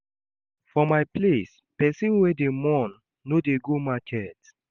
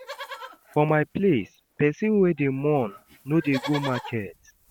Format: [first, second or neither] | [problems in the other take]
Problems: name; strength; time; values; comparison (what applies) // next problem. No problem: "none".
first | background sound (Livestock, farm animals, working animals); 16 dB below the speech